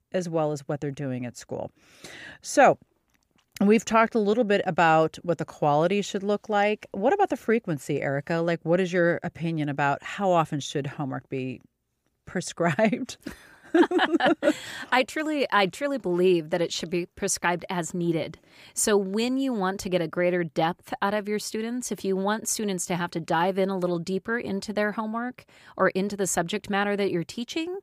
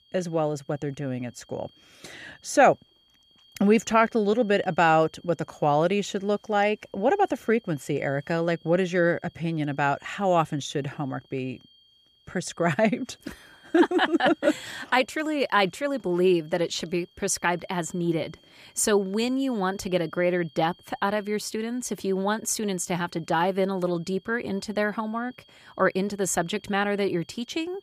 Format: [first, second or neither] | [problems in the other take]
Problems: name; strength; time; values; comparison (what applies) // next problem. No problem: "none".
first | high-pitched whine; faint; throughout; 3 kHz, 30 dB below the speech